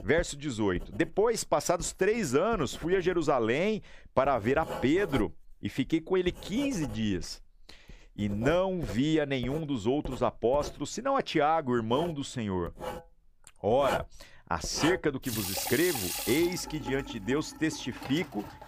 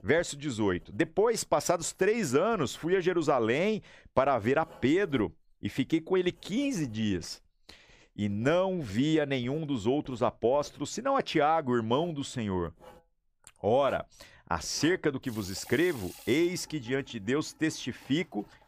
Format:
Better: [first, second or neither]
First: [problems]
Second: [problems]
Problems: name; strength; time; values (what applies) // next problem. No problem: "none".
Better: second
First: household noises; loud; throughout; 10 dB below the speech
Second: household noises; faint; throughout; 25 dB below the speech